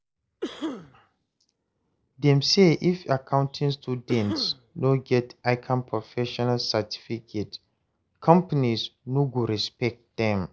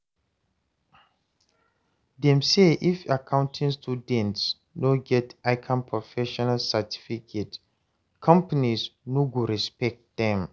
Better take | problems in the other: second | noise reduction (neural mask model Resemble Enhance denoiser)

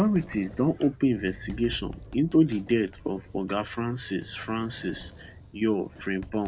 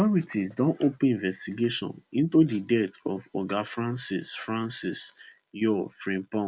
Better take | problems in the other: second | background sound (Engine / Car + Sliding door); 17 dB below the speech

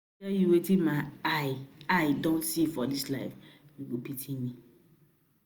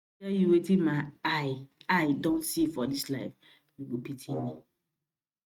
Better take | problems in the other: first | noise reduction (neural mask model RNNoise)

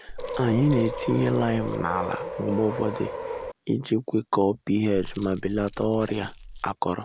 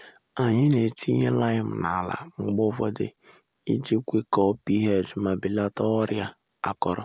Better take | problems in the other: second | background sound (Subway, metro, underground + Keys jangling); 8 dB below the speech

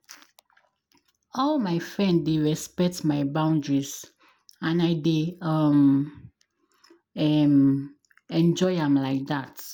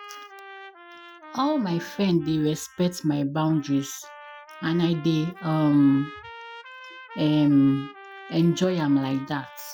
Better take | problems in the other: first | noise reduction (classical method Wiener filter)

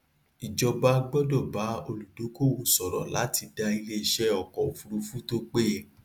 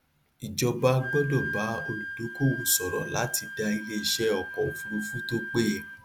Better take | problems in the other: first | background sound (Wind instrument, woodwind instrument); 9 dB below the speech

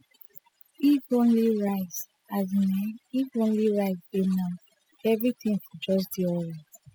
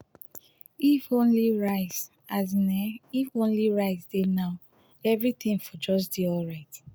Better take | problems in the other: second | noise reduction (classical method spectral subtraction)

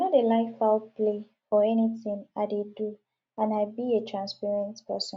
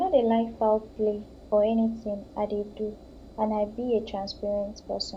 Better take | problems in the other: first | background sound (Engine); 20 dB below the speech

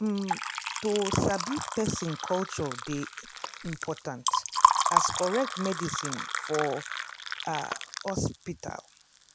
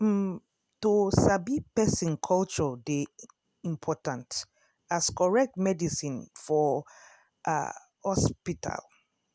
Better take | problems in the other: second | background sound (Liquid); 1 dB above the speech

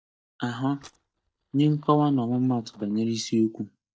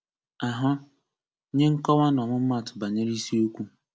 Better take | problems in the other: second | noise reduction (neural mask model DeepFilterNet 3)

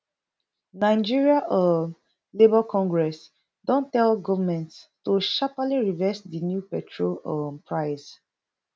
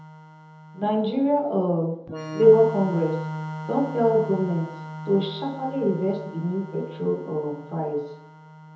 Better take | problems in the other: first | background sound (Organ); 12 dB below the speech // room echo; dies away in 0.7 s

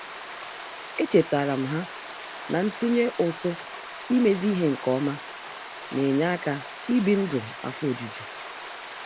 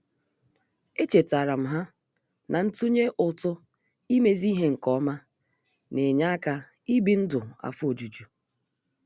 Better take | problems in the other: second | background sound (Stream); 12 dB below the speech

